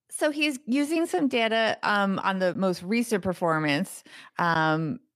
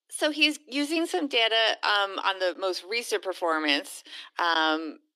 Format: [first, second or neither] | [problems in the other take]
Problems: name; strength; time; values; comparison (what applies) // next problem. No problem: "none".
first | thin; somewhat; fading below 300 Hz